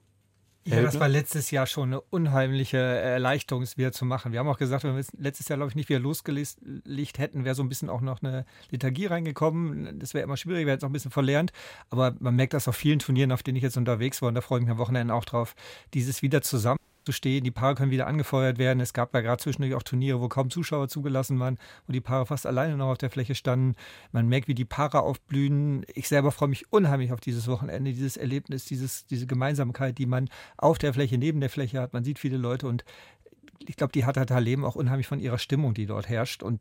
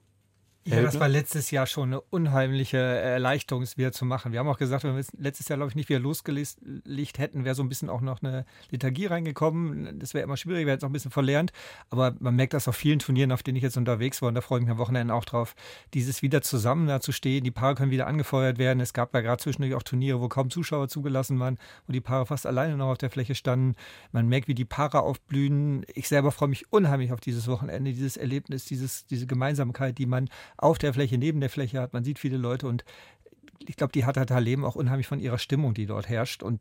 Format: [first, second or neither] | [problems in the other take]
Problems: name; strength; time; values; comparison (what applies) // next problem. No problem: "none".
second | audio cutting out; at 17 s